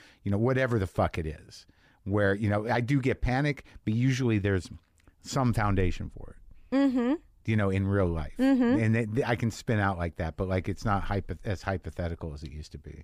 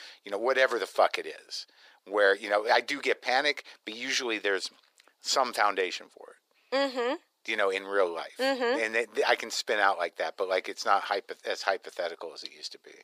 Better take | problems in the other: first | thin; very; fading below 450 Hz

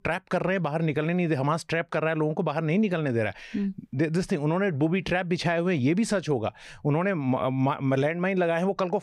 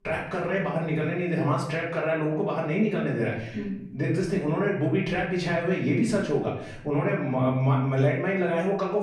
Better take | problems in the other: first | off-mic speech; far // room echo; noticeable; dies away in 0.7 s

